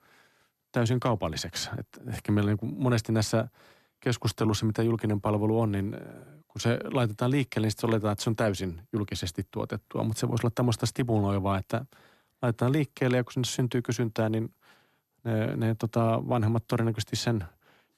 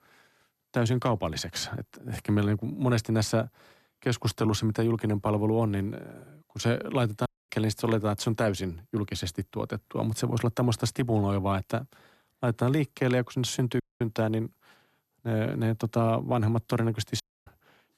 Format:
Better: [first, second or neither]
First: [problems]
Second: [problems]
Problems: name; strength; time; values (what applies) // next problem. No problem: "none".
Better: first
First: none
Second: audio cutting out; at 7.5 s, at 14 s and at 17 s